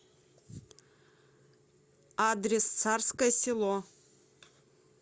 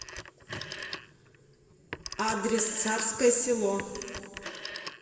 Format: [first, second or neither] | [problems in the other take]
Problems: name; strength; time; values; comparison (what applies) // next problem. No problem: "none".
first | background sound (Telephone); 11 dB below the speech // room echo; dies away in 1.9 s